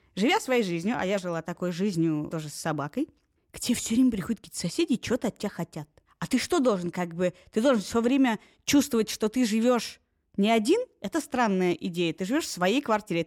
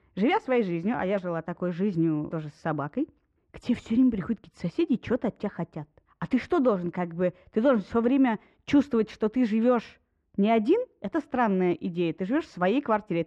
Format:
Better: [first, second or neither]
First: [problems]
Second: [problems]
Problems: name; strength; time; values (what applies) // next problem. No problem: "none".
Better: first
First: none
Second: muffled; very; fading above 2 kHz